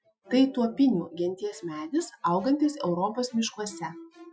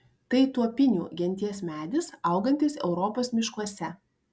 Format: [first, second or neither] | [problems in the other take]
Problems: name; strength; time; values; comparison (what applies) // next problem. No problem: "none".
second | noise reduction (classical method Wiener filter)